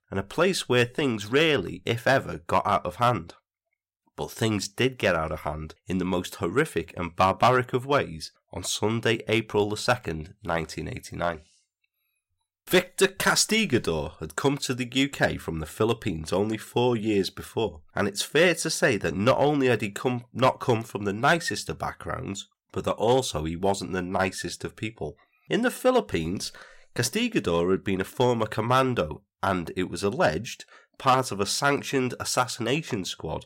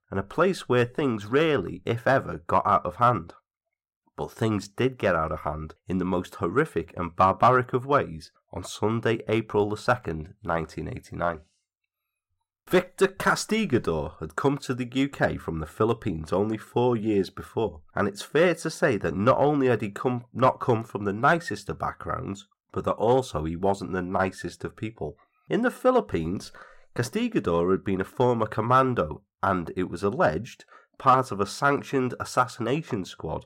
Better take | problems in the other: first | muffled; slightly; fading above 2 kHz

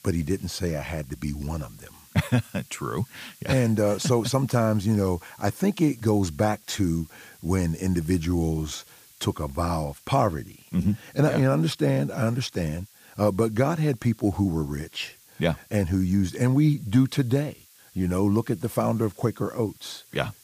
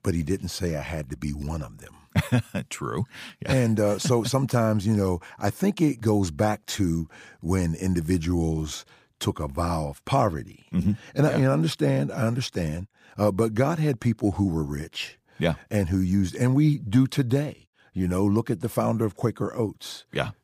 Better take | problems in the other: second | hiss; faint; throughout; 25 dB below the speech

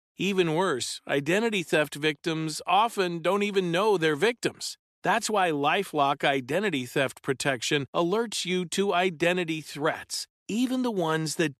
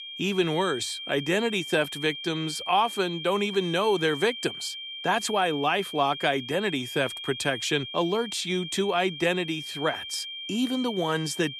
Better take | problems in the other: first | high-pitched whine; loud; throughout; 3 kHz, 8 dB below the speech

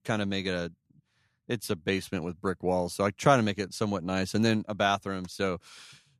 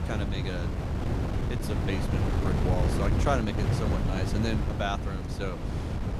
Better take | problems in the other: first | wind noise on the microphone; heavy; 2 dB below the speech

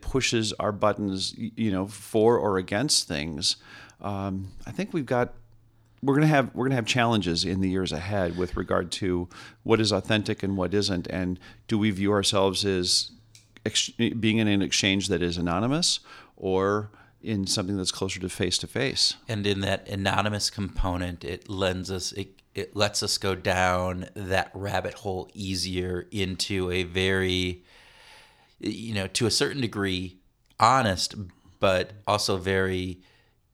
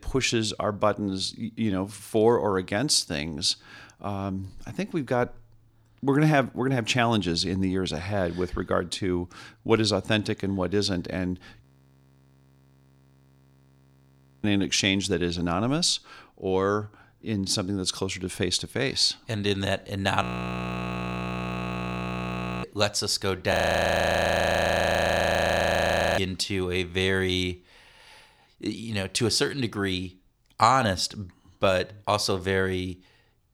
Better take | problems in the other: first | audio freezing; at 12 s for 3 s, at 20 s for 2.5 s and at 24 s for 2.5 s

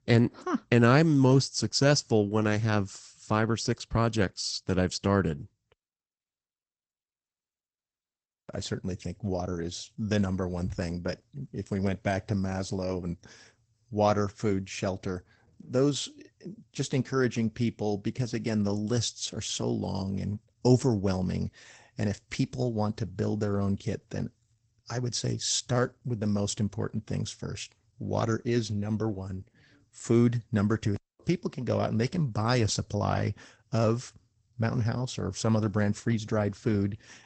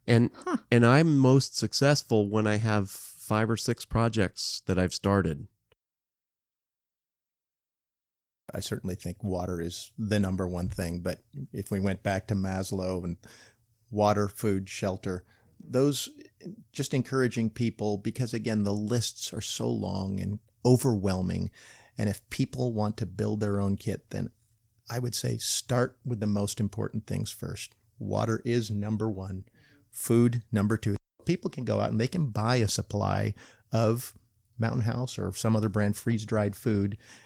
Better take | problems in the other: second | garbled, watery; badly; nothing above 8 kHz; slightly in the second

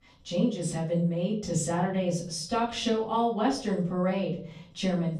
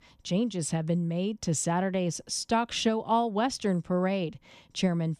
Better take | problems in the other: second | room echo; slight; dies away in 0.6 s // off-mic speech; far

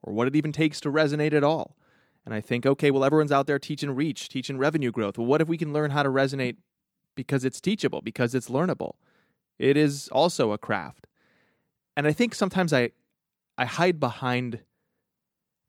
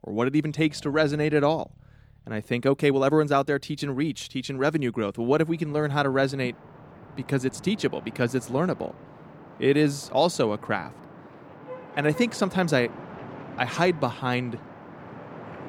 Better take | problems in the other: first | traffic noise; noticeable; throughout; 20 dB below the speech

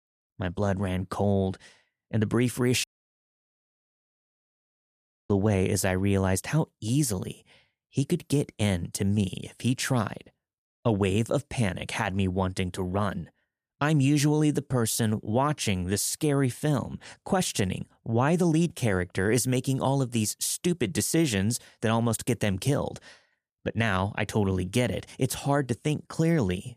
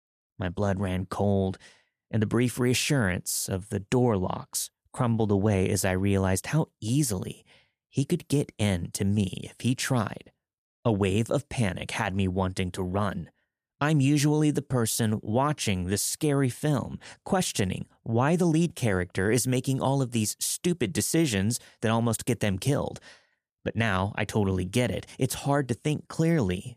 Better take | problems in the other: second | audio cutting out; at 3 s for 2.5 s

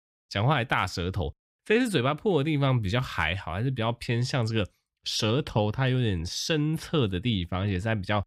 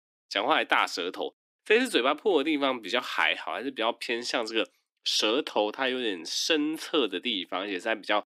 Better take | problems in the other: first | thin; somewhat; fading below 300 Hz

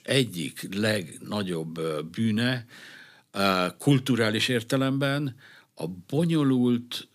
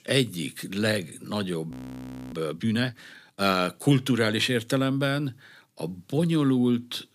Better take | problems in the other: first | audio freezing; at 1.5 s for 0.5 s

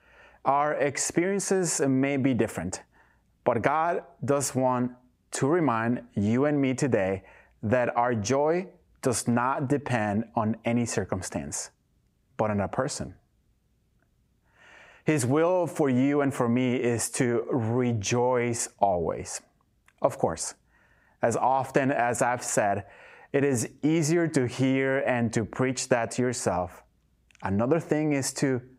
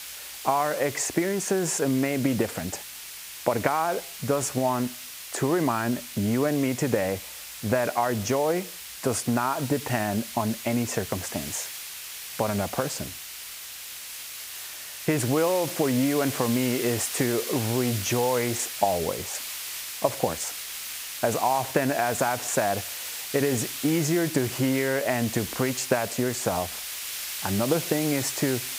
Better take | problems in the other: first | hiss; loud; throughout; 7 dB below the speech

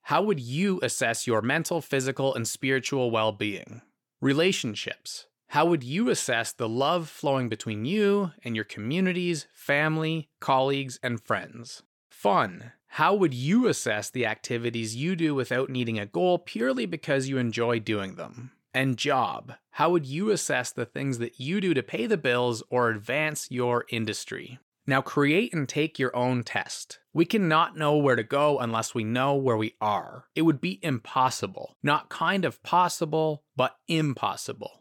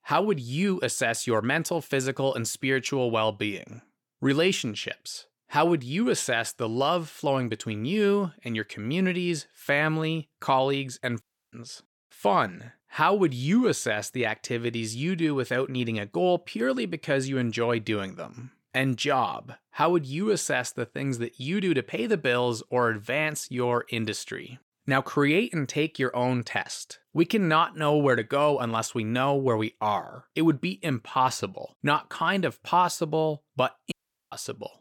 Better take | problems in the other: first | audio cutting out; at 11 s and at 34 s

